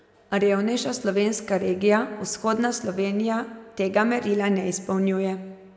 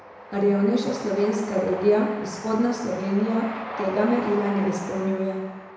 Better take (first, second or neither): first